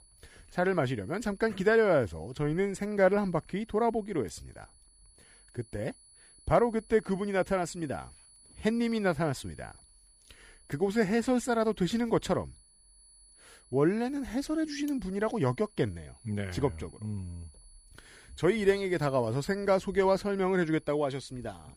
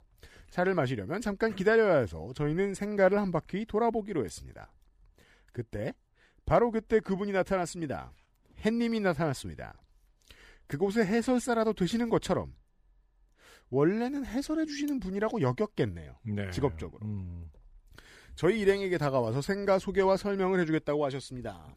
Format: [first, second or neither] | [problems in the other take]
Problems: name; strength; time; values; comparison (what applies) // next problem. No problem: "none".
second | high-pitched whine; faint; throughout; 10 kHz, 30 dB below the speech